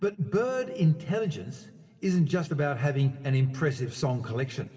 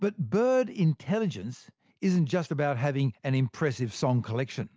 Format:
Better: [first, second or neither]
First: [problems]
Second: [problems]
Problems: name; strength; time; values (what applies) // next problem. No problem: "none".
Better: second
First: room echo; dies away in 1.8 s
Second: none